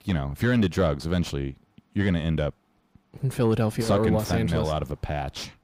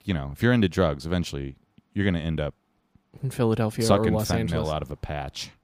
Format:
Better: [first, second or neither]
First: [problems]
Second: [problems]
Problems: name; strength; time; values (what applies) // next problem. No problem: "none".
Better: second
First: distortion; slight; 10 dB below the speech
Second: none